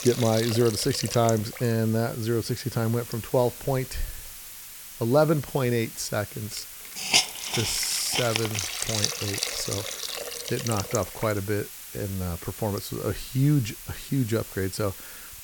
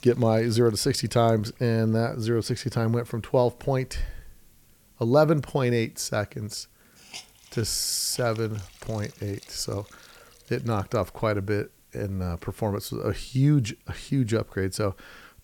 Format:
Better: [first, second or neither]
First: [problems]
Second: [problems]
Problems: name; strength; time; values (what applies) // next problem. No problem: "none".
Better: second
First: hiss; loud; throughout; 4 dB below the speech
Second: hiss; faint; throughout; 25 dB below the speech